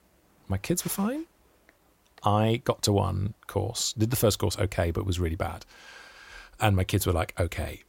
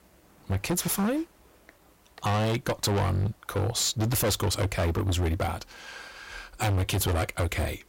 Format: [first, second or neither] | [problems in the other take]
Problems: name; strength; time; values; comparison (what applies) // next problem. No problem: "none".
first | distortion; heavy; 18% of the sound clipped